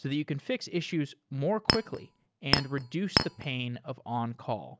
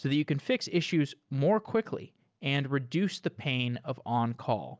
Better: second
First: background sound (Chink, clink); 2 dB above the speech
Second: none

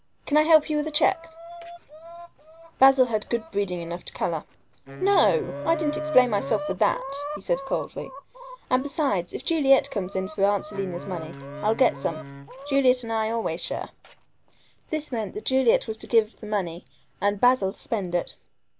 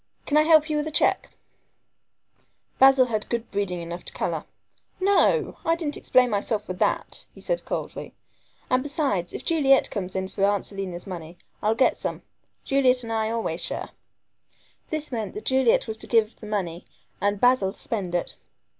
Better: second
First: background sound (Chicken, rooster + Wind instrument, woodwind instrument); 13 dB below the speech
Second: none

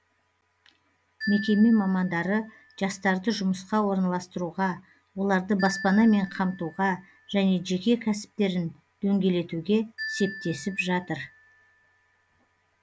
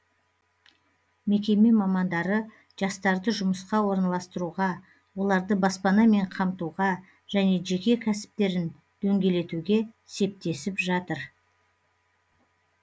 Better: second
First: background sound (Marimba, xylophone); 17 dB below the speech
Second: none

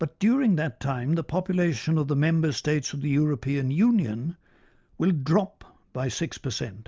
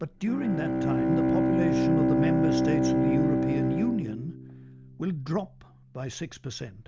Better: first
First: none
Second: background sound (Bowed string instrument); 5 dB above the speech

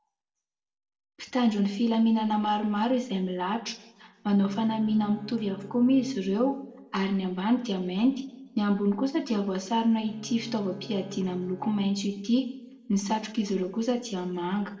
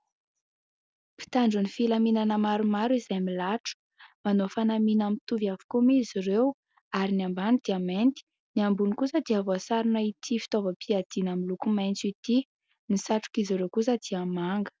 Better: second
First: background sound (Bowed string instrument); 18 dB below the speech // room echo; dies away in 0.6 s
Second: none

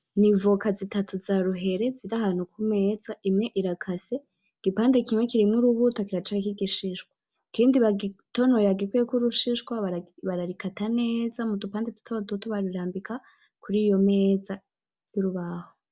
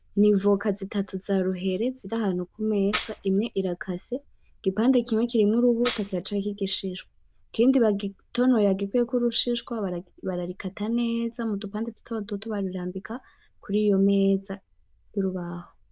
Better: first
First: none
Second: noise reduction (neural diffusion model UNIVERSE++)

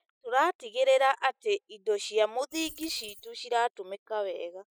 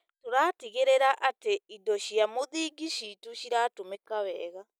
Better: second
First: noise reduction (classical method spectral subtraction)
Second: none

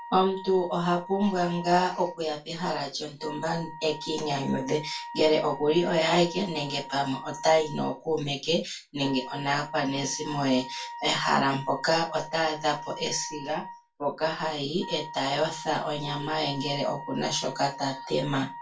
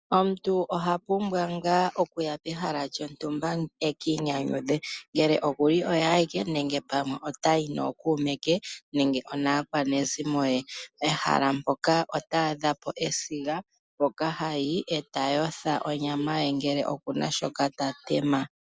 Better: second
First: background sound (Wind instrument, woodwind instrument); 14 dB below the speech // room echo; dies away in 0.2 s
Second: none

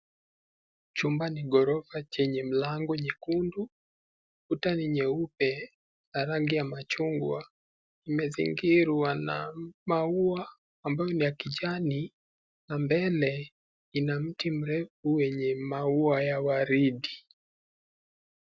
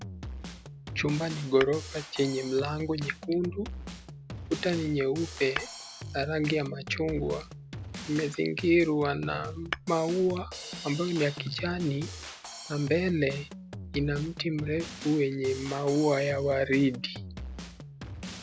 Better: first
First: none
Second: background sound (Tap / Hammer + Drum kit); 11 dB below the speech

